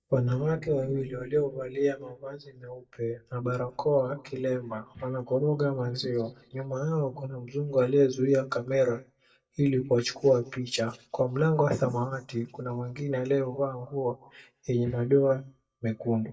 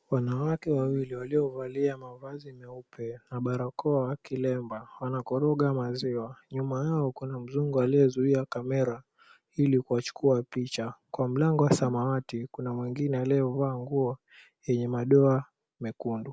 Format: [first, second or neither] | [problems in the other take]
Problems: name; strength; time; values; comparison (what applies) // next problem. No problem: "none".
second | noise reduction (neural mask model DeepFilterNet 3)